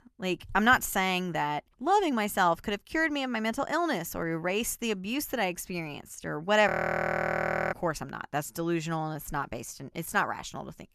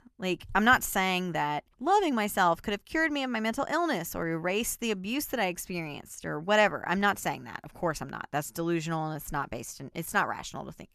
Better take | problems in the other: second | audio freezing; at 6.5 s for 1 s

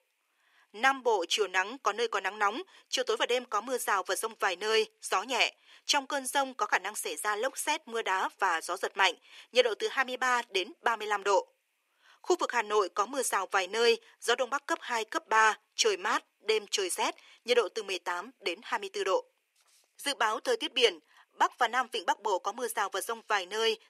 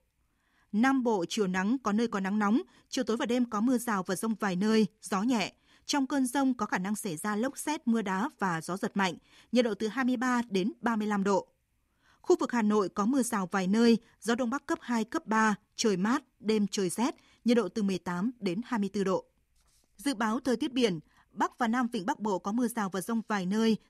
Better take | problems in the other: second | thin; very; fading below 400 Hz

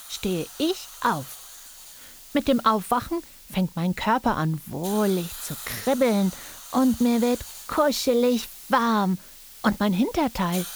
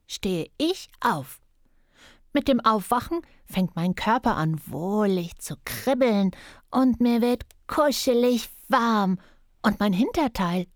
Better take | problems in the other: second | hiss; noticeable; throughout; 15 dB below the speech

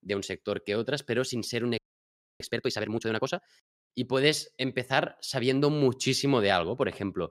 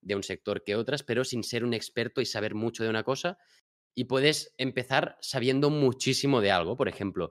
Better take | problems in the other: second | audio freezing; at 2 s for 0.5 s

